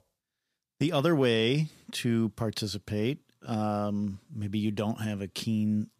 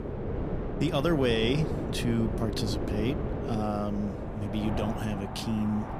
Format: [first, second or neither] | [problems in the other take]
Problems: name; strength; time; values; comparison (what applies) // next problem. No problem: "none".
first | wind noise on the microphone; heavy; 4 dB below the speech